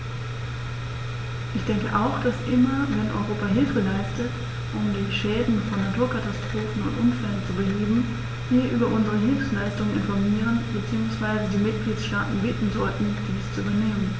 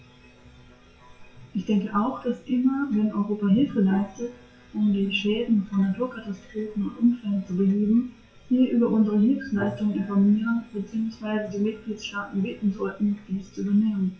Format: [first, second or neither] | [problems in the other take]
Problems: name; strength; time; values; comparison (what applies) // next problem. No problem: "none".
first | noise reduction (classical method WPE with log-MMSE)